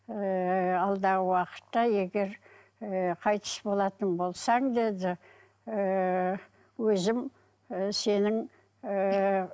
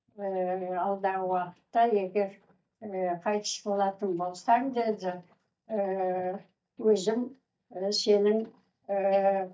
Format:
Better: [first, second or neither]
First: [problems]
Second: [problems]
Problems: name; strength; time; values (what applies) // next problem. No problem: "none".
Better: first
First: none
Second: noise reduction (neural mask model DeepFilterNet 3)